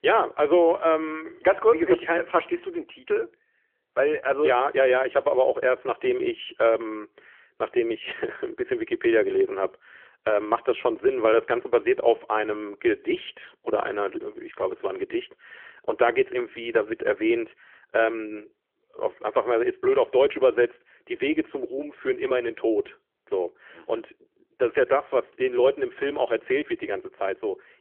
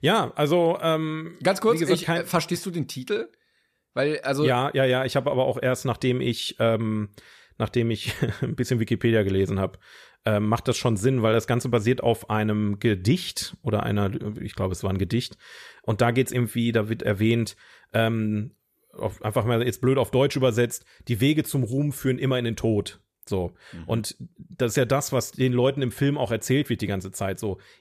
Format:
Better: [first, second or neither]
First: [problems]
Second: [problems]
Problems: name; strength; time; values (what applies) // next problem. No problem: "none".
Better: second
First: phone-call audio; nothing above 3.5 kHz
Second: none